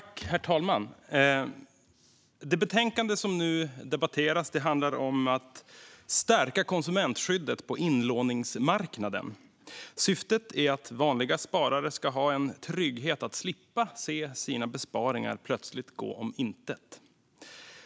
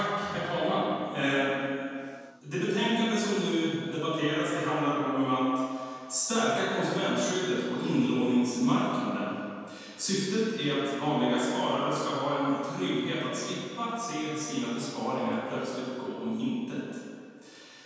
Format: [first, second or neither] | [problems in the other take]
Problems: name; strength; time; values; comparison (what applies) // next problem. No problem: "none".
first | room echo; dies away in 2.1 s